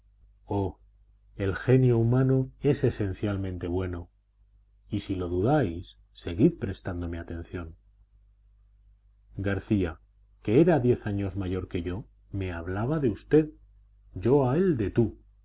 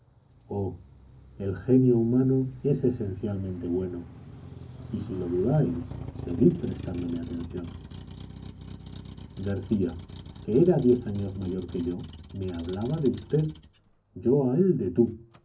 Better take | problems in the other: first | background sound (Motor vehicle (road)); 15 dB below the speech // room echo; dies away in 0.3 s

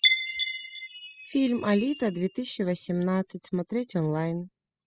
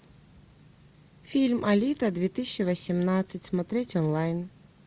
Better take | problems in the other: second | noise reduction (classical method spectral subtraction)

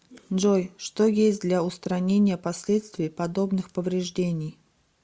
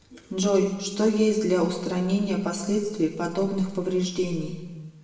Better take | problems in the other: first | room echo; dies away in 1.2 s

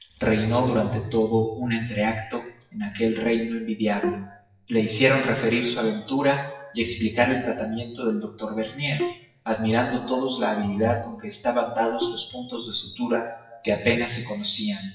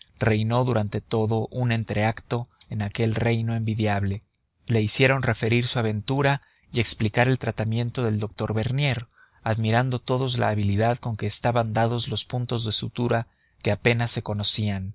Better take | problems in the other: second | noise reduction (classical method WPE with log-MMSE)

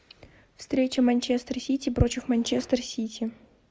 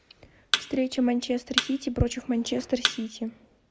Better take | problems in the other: first | background sound (Thump, thud); 4 dB below the speech

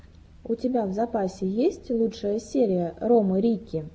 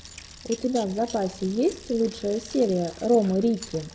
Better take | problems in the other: first | background sound (Coin (dropping) / Zipper (clothing) + Bicycle); 19 dB below the speech

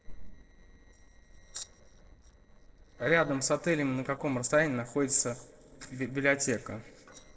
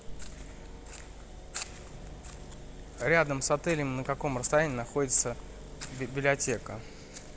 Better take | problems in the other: second | noise reduction (neural separator model SepFormer DNS4)

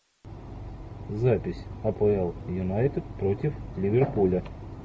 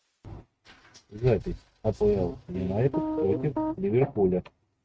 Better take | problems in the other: first | noise reduction (neural mask model RNNoise)

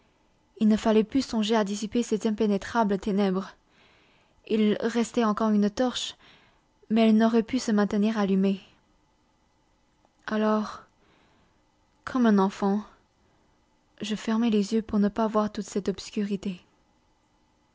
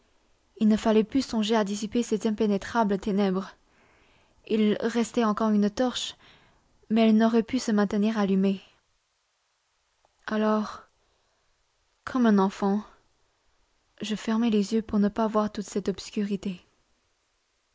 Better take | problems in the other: first | noise reduction (neural mask model Resemble Enhance denoiser)

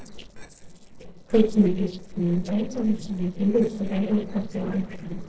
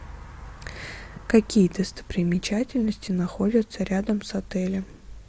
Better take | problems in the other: second | noise reduction (neural separator model SepFormer DNS4)

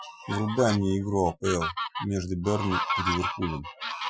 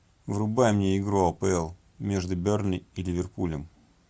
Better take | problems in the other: second | noise reduction (classical method Wiener filter)

